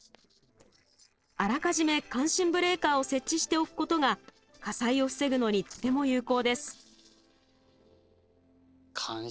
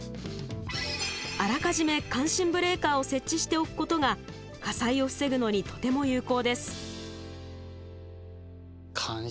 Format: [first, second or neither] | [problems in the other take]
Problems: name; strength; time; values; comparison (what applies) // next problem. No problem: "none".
second | noise reduction (neural separator model SepFormer DNS4)